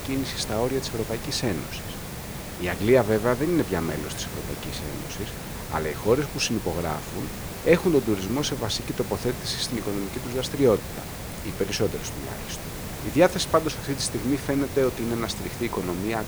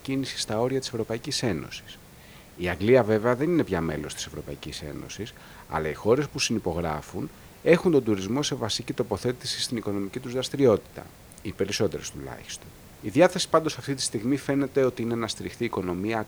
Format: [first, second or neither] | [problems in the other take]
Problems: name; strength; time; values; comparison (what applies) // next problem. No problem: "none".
second | hiss; loud; throughout; 9 dB below the speech; faint in the second